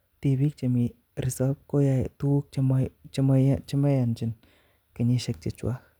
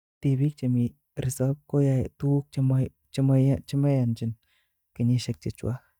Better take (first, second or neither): first